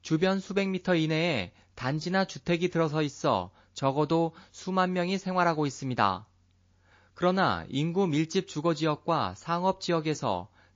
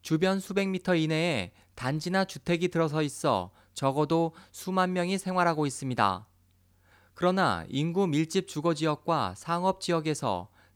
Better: second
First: garbled, watery; slightly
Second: none

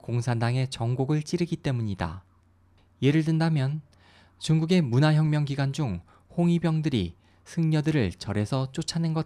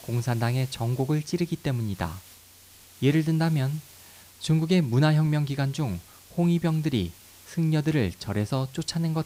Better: first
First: none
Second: hiss; faint; throughout; 20 dB below the speech

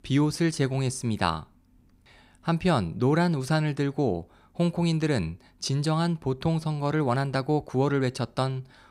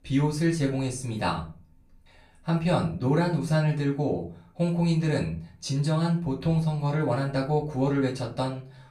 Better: first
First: none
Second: room echo; slight; dies away in 0.3 s // off-mic speech; far

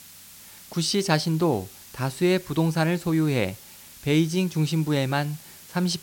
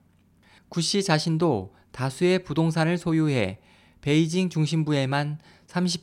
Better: second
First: hiss; noticeable; throughout; 20 dB below the speech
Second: none

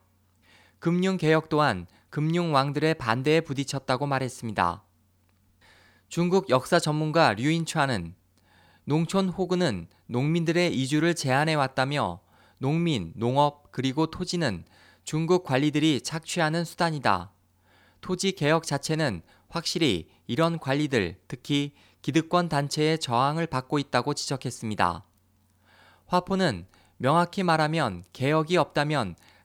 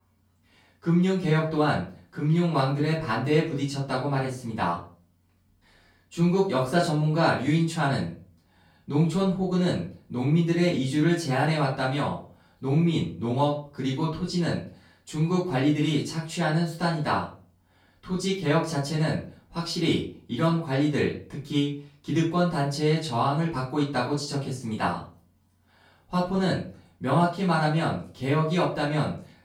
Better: first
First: none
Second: off-mic speech; far // room echo; slight; dies away in 0.3 s

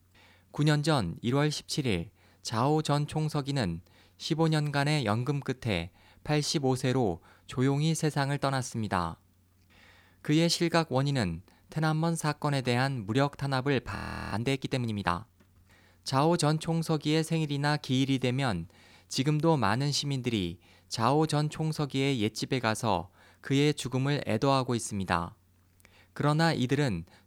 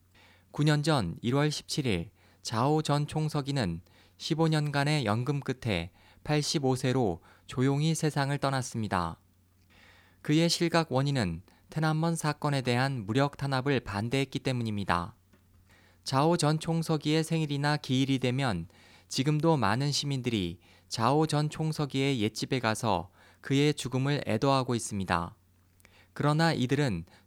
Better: second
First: audio freezing; at 14 s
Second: none

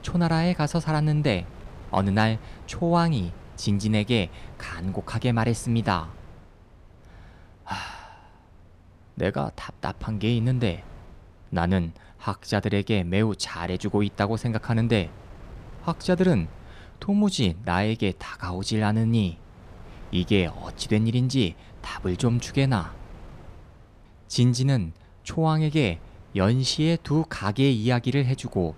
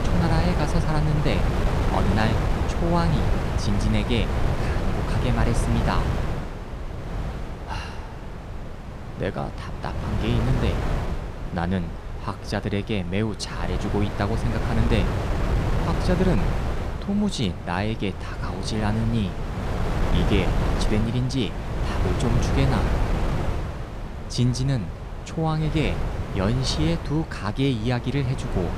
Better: first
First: wind noise on the microphone; occasional gusts; 25 dB below the speech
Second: wind noise on the microphone; heavy; 3 dB below the speech

